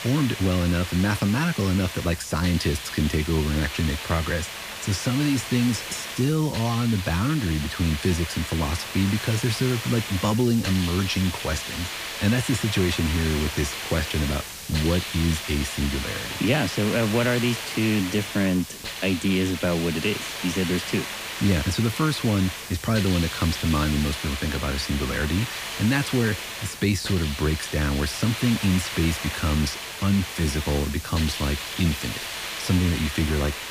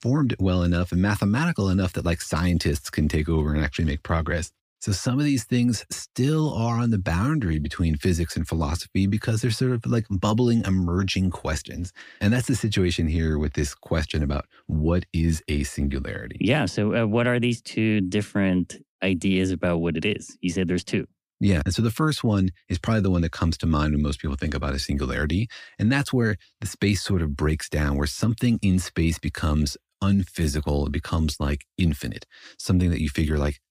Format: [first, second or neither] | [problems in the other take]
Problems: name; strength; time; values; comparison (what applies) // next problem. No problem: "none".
second | hiss; loud; throughout; 6 dB below the speech